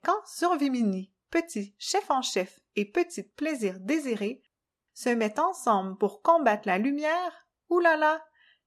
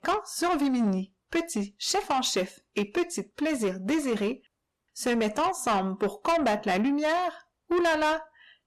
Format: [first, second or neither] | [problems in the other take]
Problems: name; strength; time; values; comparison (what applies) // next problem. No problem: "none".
first | distortion; heavy; 8 dB below the speech